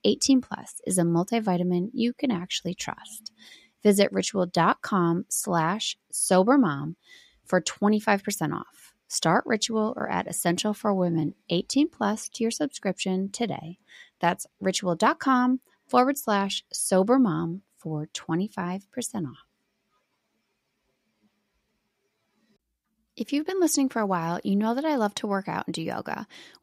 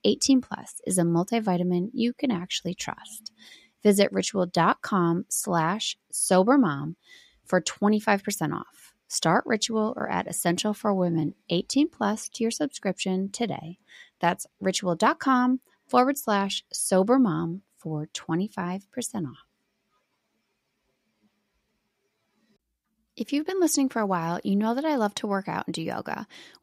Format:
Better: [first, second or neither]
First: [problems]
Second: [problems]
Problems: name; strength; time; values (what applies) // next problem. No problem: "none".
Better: neither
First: none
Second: none